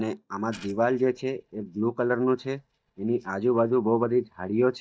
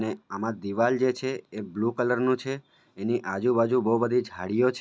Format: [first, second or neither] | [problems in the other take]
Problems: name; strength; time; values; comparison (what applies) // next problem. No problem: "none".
second | noise reduction (neural mask model DeepFilterNet 3)